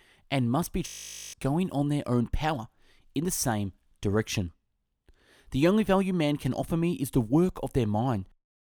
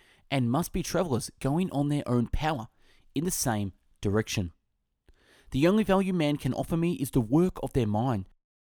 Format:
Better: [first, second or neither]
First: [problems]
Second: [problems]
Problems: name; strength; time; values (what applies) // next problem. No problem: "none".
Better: second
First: audio freezing; at 1 s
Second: none